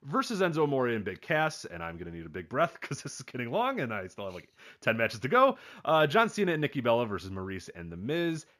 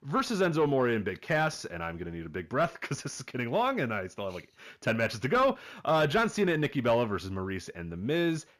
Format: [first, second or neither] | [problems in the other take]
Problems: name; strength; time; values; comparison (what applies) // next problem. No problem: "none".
first | distortion; slight; 10 dB below the speech